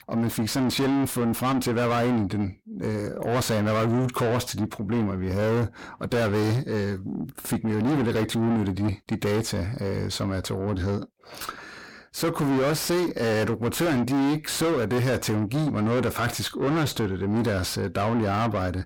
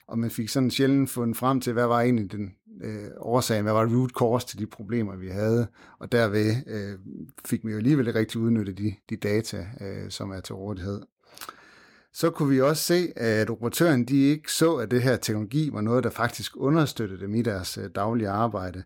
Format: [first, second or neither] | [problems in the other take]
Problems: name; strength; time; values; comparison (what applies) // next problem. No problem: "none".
second | distortion; heavy; 5 dB below the speech